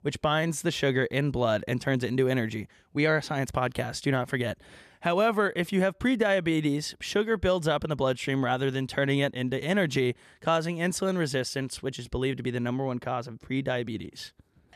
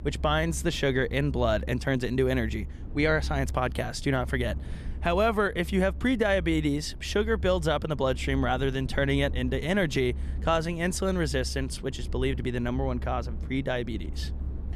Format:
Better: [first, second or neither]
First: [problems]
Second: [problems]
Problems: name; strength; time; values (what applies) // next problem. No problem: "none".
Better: first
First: none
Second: low rumble; faint; throughout; 25 dB below the speech